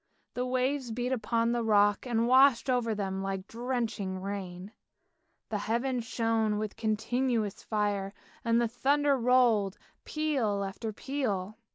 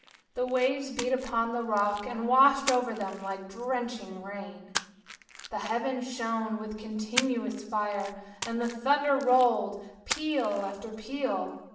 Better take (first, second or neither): first